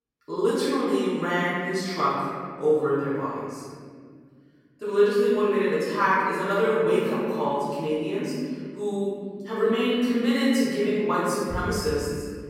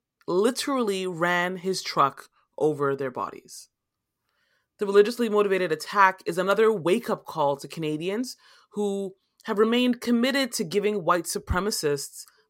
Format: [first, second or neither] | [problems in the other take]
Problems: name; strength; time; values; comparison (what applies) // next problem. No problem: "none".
second | room echo; strong; dies away in 2.3 s // off-mic speech; far